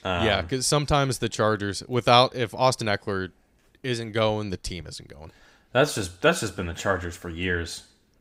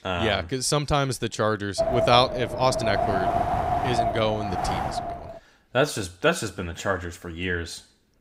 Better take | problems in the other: first | wind noise on the microphone; heavy; from 2 to 5.5 s; 1 dB below the speech

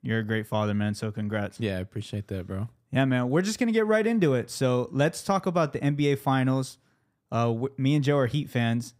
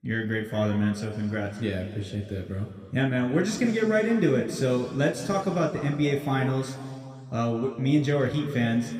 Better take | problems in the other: first | room echo; slight; dies away in 2.1 s // off-mic speech; somewhat distant

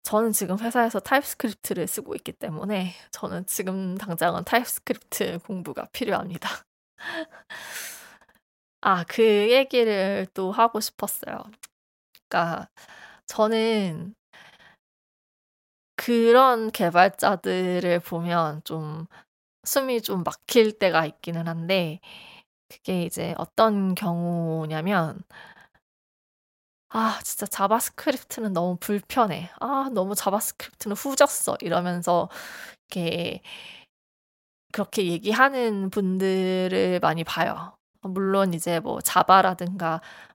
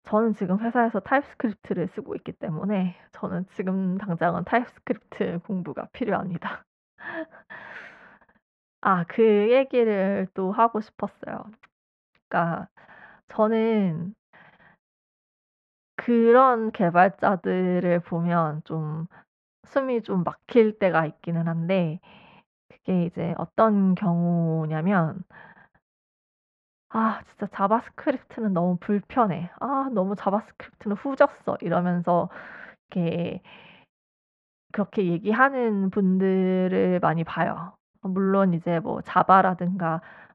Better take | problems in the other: first | muffled; very; fading above 2 kHz

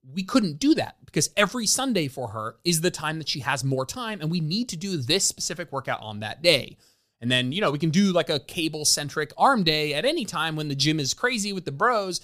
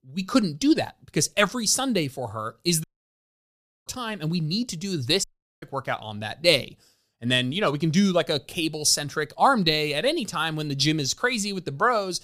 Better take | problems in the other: first | audio cutting out; at 3 s for 1 s and at 5 s

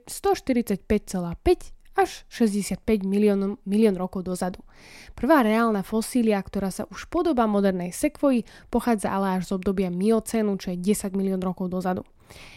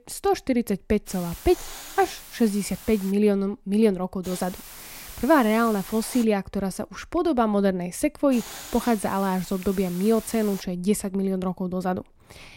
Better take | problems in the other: first | hiss; noticeable; from 1 to 3 s, from 4.5 to 6 s and from 8.5 to 11 s; 15 dB below the speech

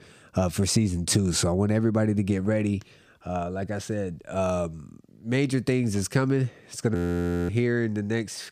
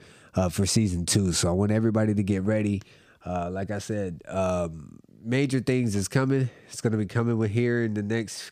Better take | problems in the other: second | audio freezing; at 7 s for 0.5 s

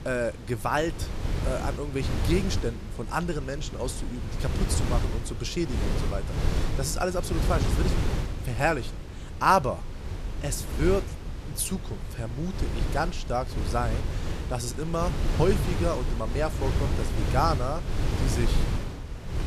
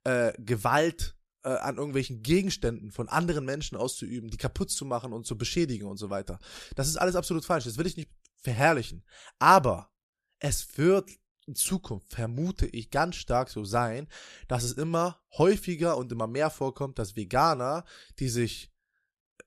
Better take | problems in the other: second | wind noise on the microphone; heavy; 9 dB below the speech

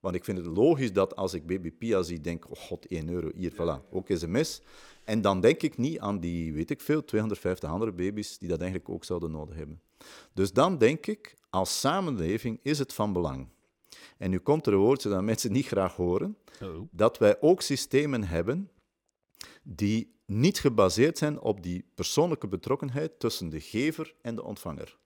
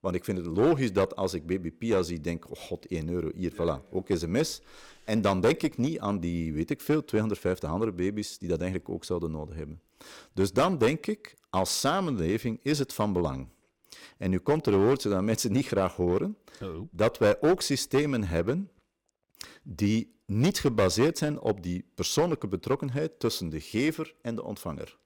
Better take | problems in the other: first | distortion; slight; 4% of the sound clipped

